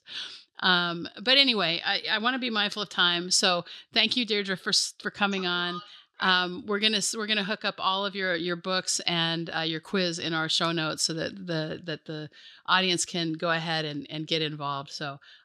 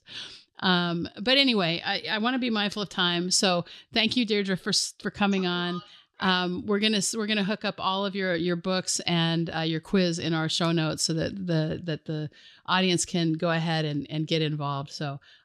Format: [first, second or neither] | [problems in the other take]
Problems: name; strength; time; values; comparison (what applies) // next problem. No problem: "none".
second | thin; very slightly; fading below 550 Hz